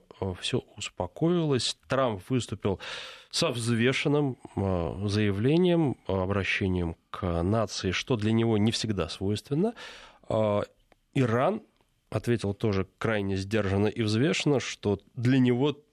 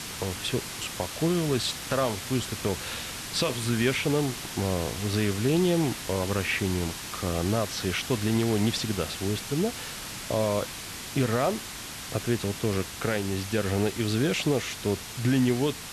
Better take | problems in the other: first | hiss; loud; throughout; 7 dB below the speech

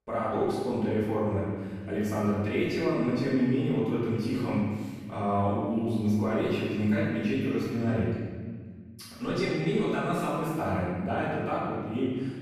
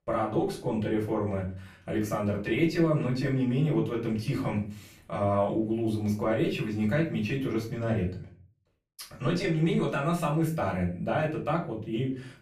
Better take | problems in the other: second | room echo; strong; dies away in 1.5 s; slight in the second // off-mic speech; far; far in the second

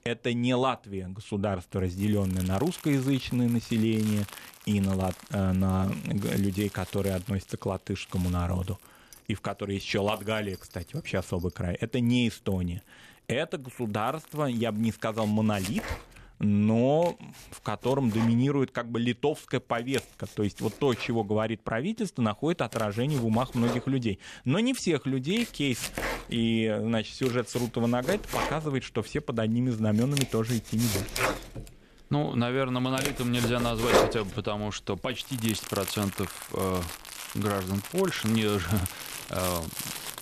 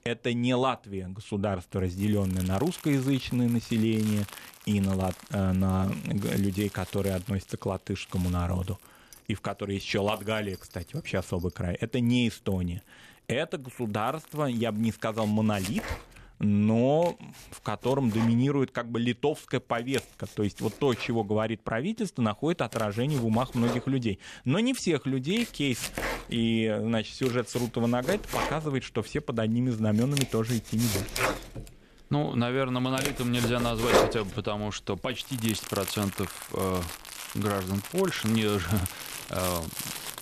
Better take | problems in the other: neither | household noises; loud; throughout; 7 dB below the speech; the same in both

